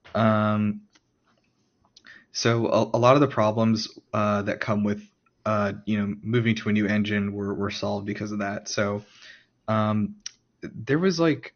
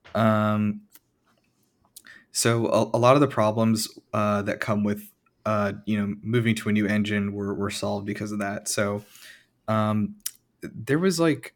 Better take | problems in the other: second | garbled, watery; slightly; nothing above 6.5 kHz

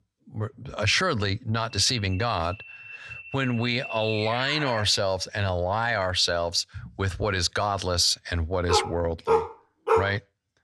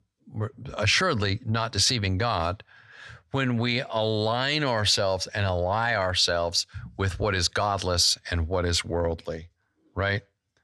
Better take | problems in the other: second | alarm; noticeable; from 1.5 to 5 s; peak 7 dB below the speech // dog barking; loud; from 8.5 to 10 s; peak 1 dB above the speech

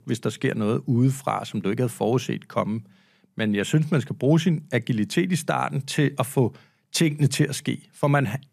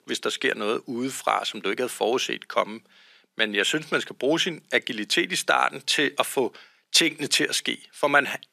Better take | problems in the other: first | thin; very; fading below 350 Hz

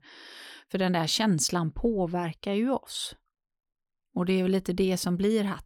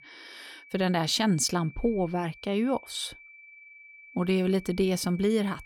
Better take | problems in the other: first | high-pitched whine; faint; throughout; 2.5 kHz, 20 dB below the speech

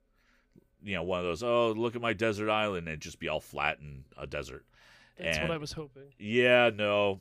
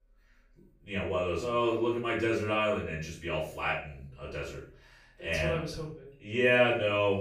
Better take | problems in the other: first | off-mic speech; far // room echo; noticeable; dies away in 0.4 s

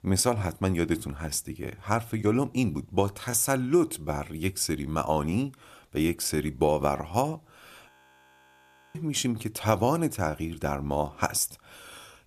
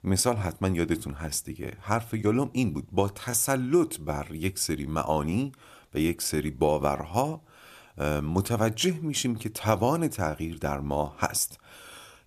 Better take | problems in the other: second | audio freezing; at 8 s for 1 s

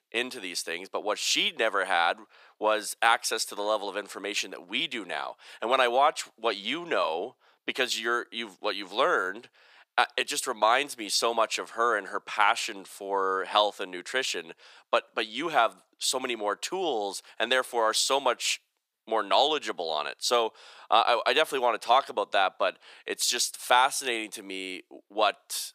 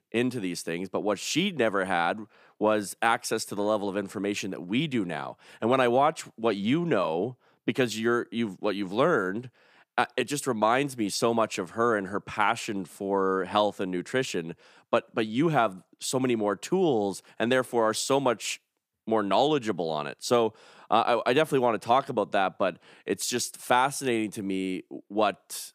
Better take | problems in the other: second | thin; somewhat; fading below 600 Hz

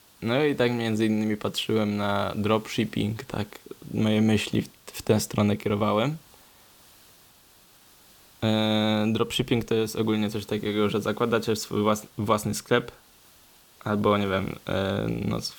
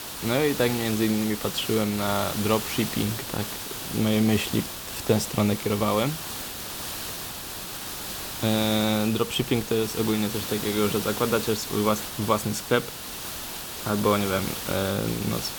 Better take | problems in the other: first | hiss; loud; throughout; 6 dB below the speech; faint in the first

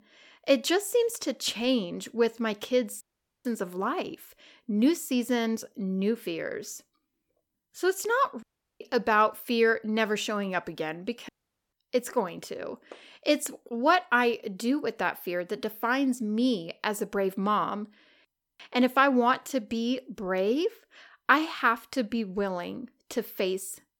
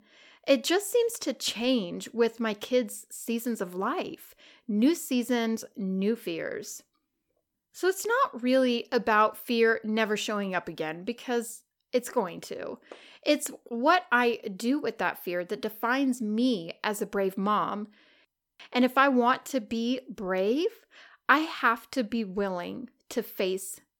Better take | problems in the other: second | audio cutting out; at 3 s, at 8.5 s and at 11 s

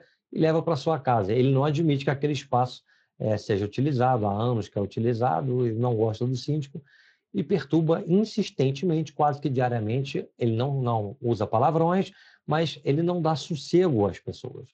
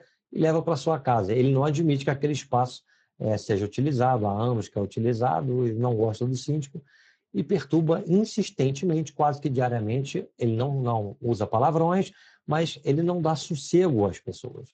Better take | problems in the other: first | garbled, watery; badly; nothing above 7.5 kHz; slightly in the first

